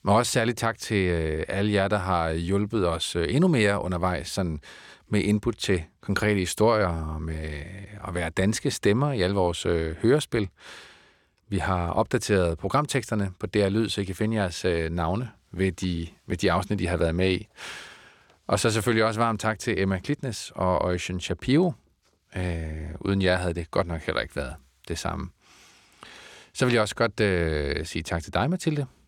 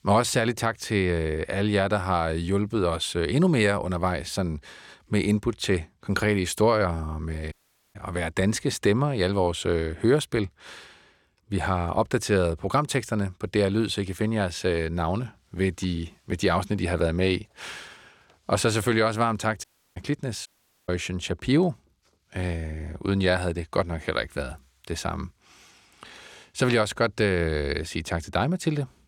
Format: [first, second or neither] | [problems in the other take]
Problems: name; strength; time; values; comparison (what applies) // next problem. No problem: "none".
first | audio cutting out; at 7.5 s and at 20 s